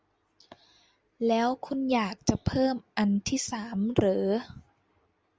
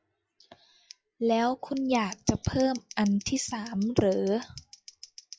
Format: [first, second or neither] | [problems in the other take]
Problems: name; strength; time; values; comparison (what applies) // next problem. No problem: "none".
first | noise reduction (classical method log-MMSE)